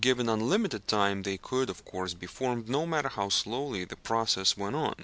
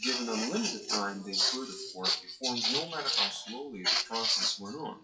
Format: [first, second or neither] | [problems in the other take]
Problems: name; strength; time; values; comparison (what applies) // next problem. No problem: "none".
first | noise reduction (classical method WPE with log-MMSE)